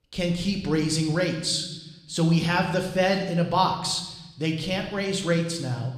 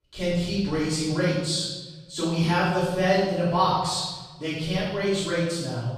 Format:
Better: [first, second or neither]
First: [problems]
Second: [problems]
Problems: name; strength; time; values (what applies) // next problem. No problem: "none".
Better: first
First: room echo; slight; dies away in 0.9 s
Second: room echo; strong; dies away in 1.1 s // off-mic speech; far